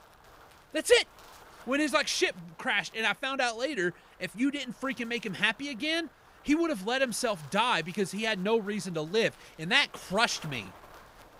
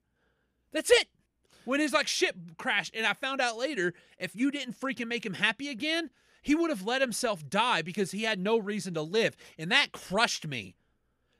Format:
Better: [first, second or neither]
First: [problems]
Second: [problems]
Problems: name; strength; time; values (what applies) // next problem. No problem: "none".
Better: second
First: wind noise on the microphone; occasional gusts; 25 dB below the speech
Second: none